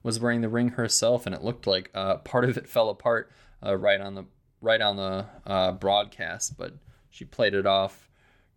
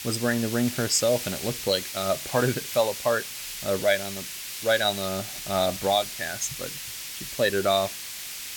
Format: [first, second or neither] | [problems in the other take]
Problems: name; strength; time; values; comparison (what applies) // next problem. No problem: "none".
first | hiss; loud; throughout; 7 dB below the speech